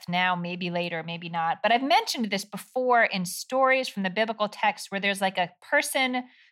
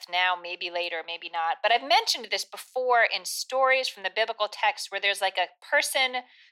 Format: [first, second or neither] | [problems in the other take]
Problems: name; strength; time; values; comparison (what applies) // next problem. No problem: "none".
first | thin; very; fading below 350 Hz